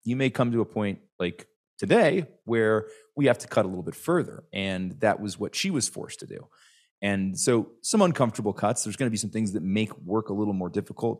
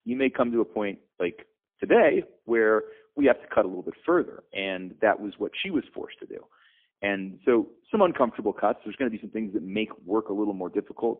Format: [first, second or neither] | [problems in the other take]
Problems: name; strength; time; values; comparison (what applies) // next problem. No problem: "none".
first | phone-call audio; poor line; nothing above 3.5 kHz